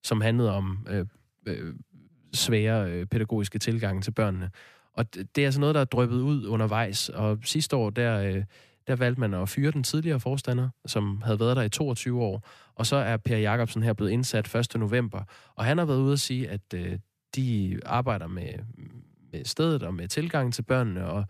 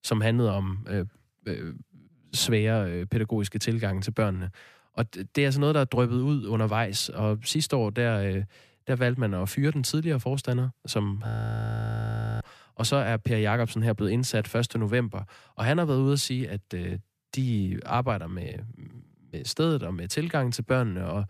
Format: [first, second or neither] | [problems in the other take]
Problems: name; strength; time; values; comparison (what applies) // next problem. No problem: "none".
first | audio freezing; at 11 s for 1 s